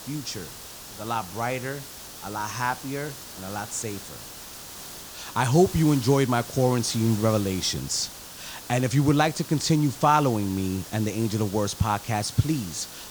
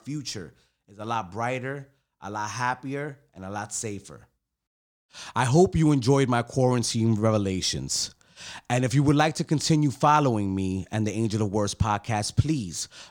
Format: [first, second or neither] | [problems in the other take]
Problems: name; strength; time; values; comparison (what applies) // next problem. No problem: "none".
second | hiss; noticeable; throughout; 15 dB below the speech